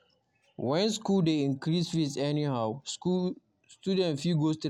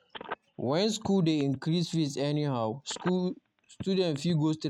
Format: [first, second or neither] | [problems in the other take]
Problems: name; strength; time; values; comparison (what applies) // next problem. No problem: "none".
first | noise reduction (neural mask model RNNoise)